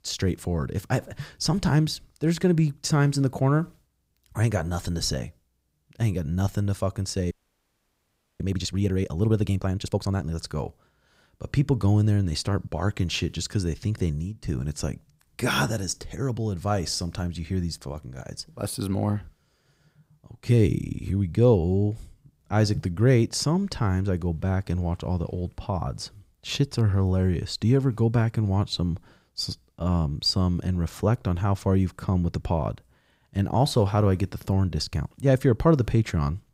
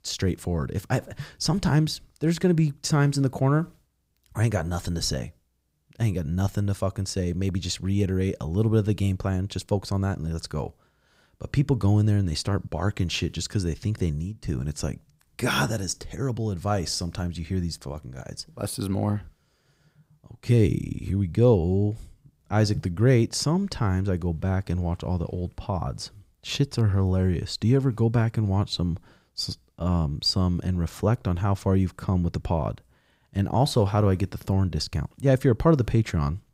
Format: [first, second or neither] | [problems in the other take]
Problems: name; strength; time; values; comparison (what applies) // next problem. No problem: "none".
second | audio freezing; at 7.5 s for 1 s